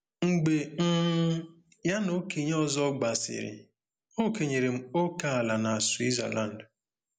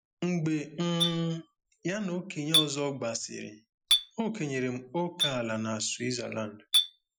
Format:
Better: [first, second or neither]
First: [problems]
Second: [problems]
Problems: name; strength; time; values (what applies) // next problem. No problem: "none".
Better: first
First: none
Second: noise reduction (classical method Wiener filter)